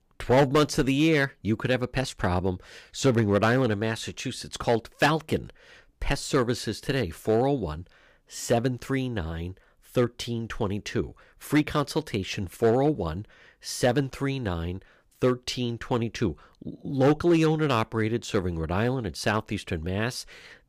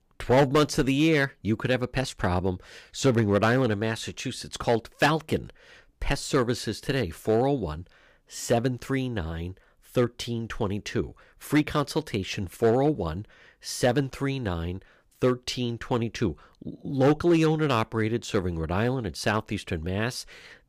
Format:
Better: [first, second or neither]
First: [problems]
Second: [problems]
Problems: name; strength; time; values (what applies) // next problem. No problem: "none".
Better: neither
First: distortion; slight; 2% of the sound clipped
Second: distortion; slight; 2% of the sound clipped